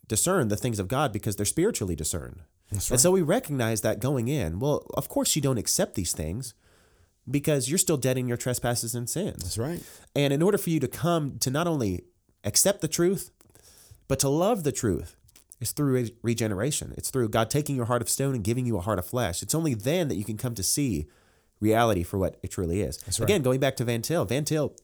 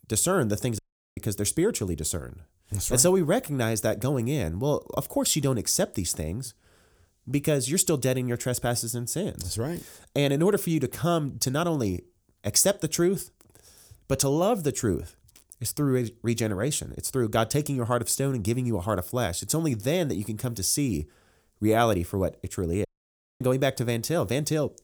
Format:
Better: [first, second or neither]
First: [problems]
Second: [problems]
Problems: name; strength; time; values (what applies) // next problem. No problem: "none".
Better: first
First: none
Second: audio cutting out; at 1 s and at 23 s for 0.5 s